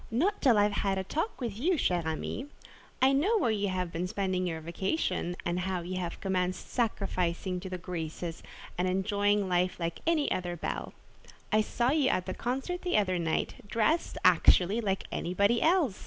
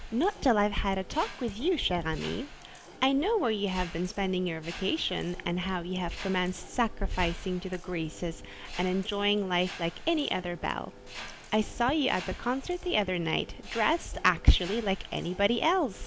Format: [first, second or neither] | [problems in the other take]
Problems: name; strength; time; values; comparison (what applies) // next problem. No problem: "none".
first | background sound (Mechanisms); 17 dB below the speech